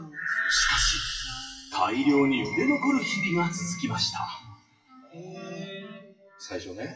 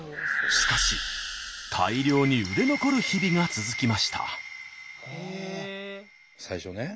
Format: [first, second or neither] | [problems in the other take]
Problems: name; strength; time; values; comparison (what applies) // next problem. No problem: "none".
second | noise reduction (classical method WPE with log-MMSE)